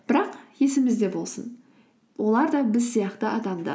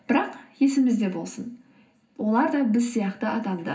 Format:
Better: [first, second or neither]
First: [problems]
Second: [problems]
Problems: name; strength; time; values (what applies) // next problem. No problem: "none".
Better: first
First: none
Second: room echo; dies away in 0.4 s